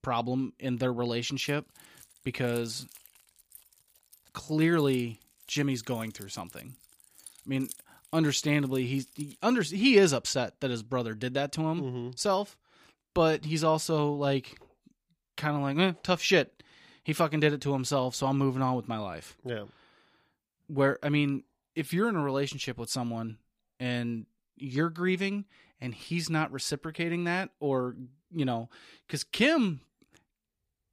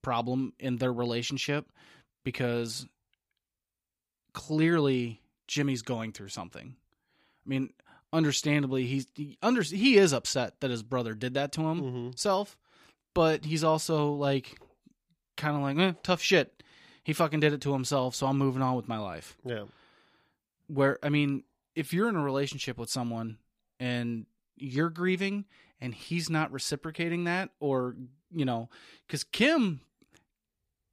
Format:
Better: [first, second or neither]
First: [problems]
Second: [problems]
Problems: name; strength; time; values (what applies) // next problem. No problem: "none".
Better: second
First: jangling keys; faint; from 1.5 to 9.5 s; peak 15 dB below the speech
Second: none